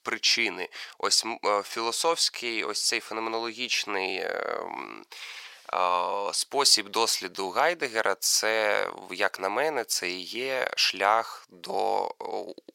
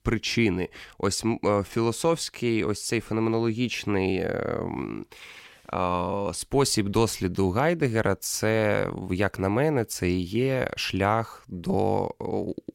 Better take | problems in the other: second | thin; very; fading below 750 Hz

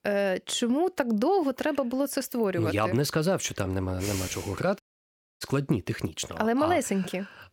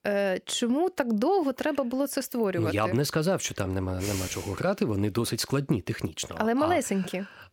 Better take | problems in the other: second | audio cutting out; at 5 s for 0.5 s

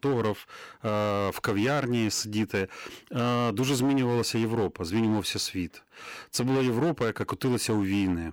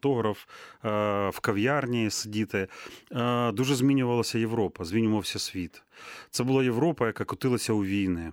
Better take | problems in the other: second | distortion; slight; 13% of the sound clipped

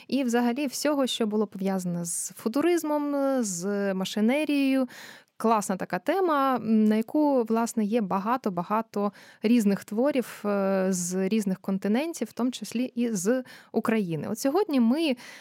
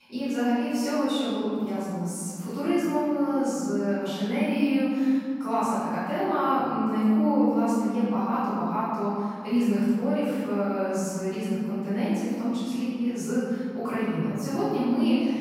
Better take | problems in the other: first | room echo; strong; dies away in 2.4 s // off-mic speech; far

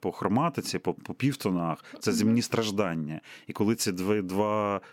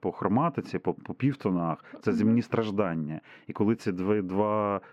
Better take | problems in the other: first | muffled; very; fading above 4 kHz

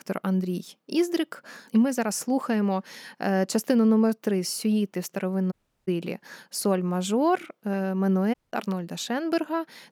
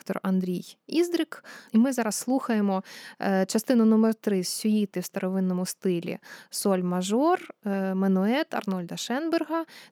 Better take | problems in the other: second | audio cutting out; at 5.5 s and at 8.5 s

